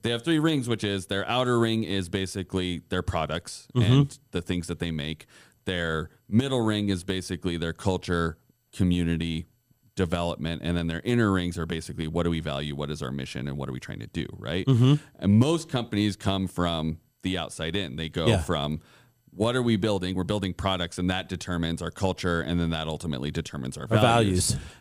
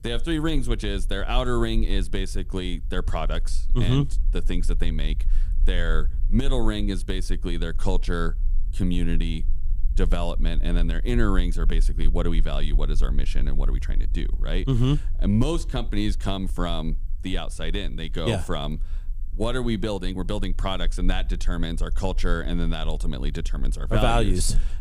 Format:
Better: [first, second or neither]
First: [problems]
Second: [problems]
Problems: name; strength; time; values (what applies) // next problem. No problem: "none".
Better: first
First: none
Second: low rumble; faint; throughout; 25 dB below the speech